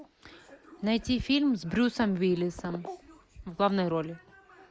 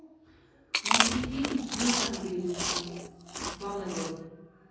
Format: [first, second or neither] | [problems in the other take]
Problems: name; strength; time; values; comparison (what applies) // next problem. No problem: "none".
first | background sound (Chewing, mastication); 3 dB above the speech // room echo; dies away in 1.3 s